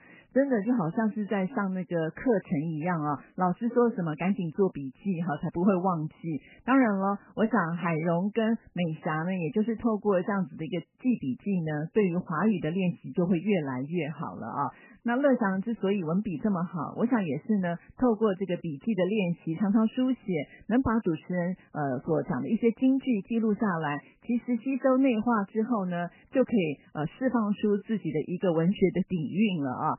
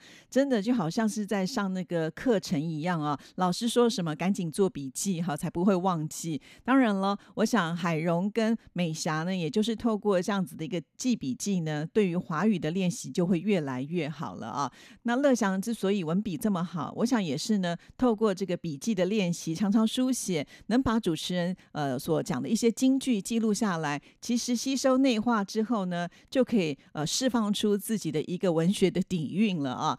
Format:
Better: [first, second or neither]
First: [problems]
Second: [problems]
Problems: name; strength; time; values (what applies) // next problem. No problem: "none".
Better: second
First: garbled, watery; badly; nothing above 3 kHz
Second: none